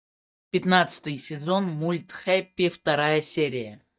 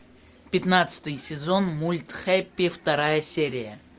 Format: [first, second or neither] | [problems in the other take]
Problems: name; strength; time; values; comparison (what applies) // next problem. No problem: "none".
second | noise reduction (neural mask model DeepFilterNet 3)